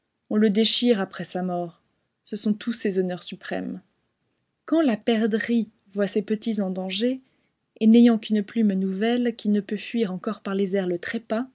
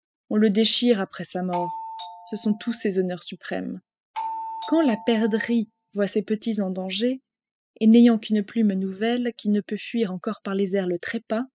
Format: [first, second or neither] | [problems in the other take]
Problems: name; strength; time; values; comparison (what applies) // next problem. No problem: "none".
first | noise reduction (classical method spectral subtraction)